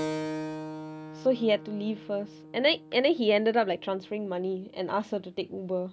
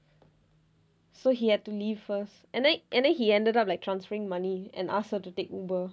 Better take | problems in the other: second | background sound (Keyboard (musical)); 12 dB below the speech

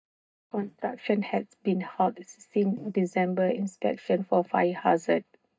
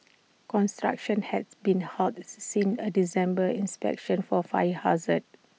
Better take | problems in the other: second | noise reduction (neural mask model DeepFilterNet 3)

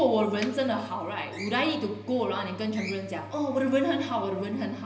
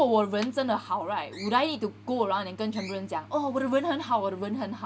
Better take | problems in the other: second | room echo; dies away in 0.8 s

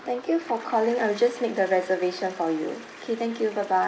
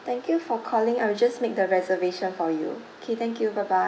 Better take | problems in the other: second | background sound (Toilet flush); 20 dB below the speech

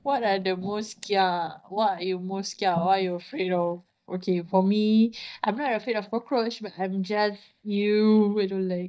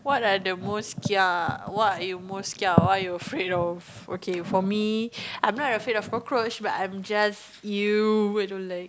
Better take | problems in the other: second | noise reduction (neural mask model DeepFilterNet 3)

